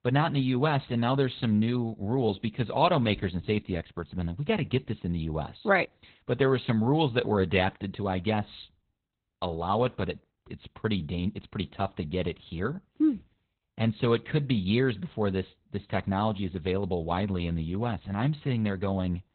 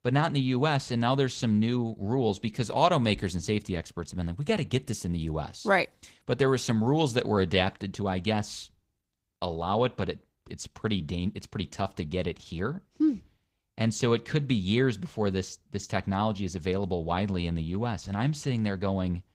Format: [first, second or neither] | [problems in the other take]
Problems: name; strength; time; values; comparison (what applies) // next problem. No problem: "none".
second | garbled, watery; badly; nothing above 4 kHz; slightly in the second